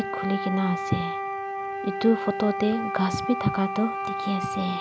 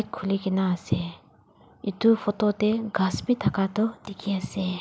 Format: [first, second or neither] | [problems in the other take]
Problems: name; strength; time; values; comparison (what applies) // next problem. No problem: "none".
second | background sound (Wind instrument, woodwind instrument); 4 dB below the speech